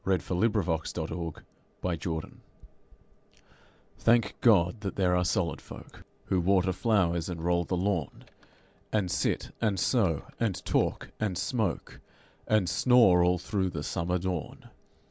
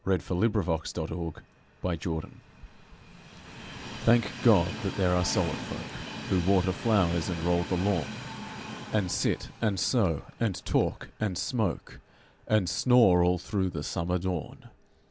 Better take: first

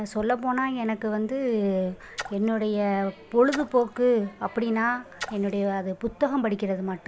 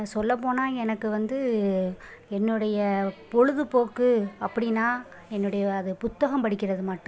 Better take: second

